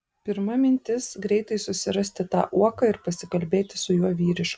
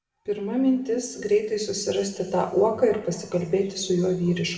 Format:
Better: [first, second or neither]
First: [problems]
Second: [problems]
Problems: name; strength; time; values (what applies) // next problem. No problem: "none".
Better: first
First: none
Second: room echo; dies away in 1.8 s